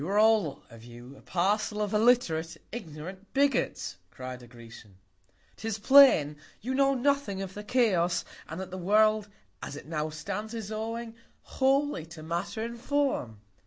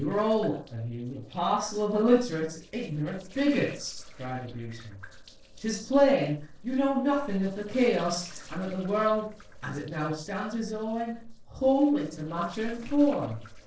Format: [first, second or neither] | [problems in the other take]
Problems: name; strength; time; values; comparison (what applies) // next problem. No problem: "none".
first | noise reduction (neural separator model SepFormer DNS4)